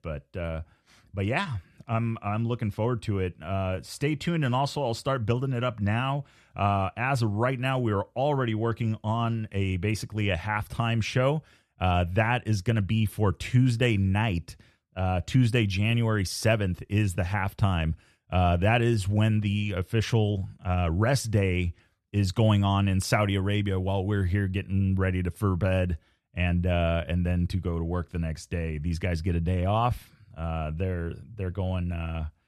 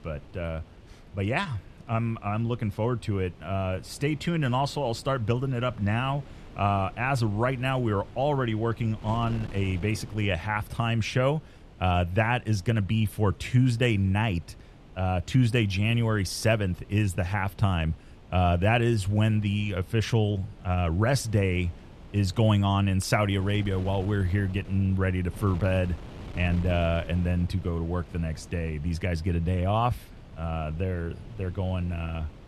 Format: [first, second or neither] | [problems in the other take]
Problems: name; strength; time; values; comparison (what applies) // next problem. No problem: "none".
first | wind noise on the microphone; occasional gusts; 20 dB below the speech